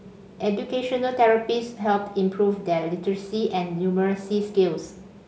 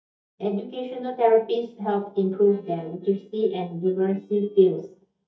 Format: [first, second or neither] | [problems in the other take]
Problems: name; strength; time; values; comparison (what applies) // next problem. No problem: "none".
first | noise reduction (neural mask model DeepFilterNet 3)